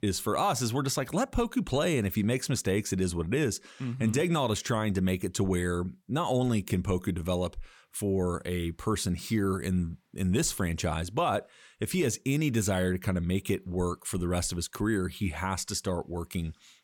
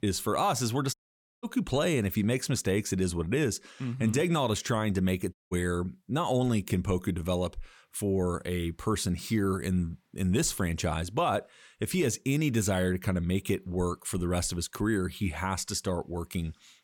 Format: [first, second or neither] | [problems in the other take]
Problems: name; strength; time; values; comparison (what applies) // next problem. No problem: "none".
first | audio cutting out; at 1 s and at 5.5 s